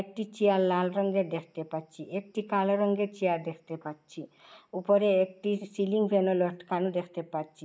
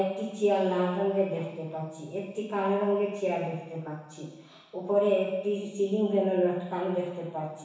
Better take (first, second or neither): first